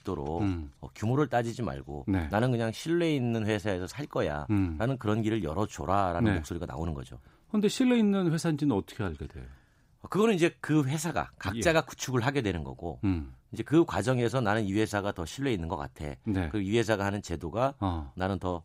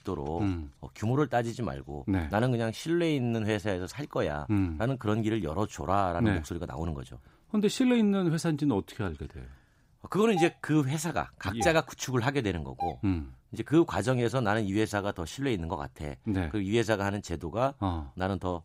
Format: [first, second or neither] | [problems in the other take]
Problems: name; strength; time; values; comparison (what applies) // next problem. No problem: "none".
first | doorbell; noticeable; from 10 to 13 s; peak 7 dB below the speech